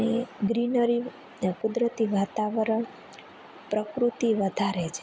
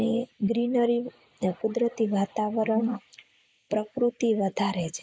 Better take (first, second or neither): first